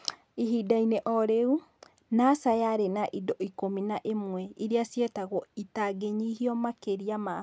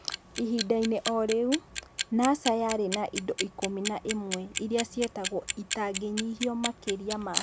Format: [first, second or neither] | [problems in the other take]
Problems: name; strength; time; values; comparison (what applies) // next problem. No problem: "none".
first | background sound (Clock); 6 dB below the speech